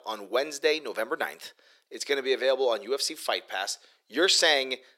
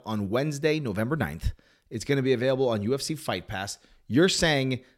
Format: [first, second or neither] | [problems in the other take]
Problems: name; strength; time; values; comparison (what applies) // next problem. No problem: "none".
second | thin; very; fading below 400 Hz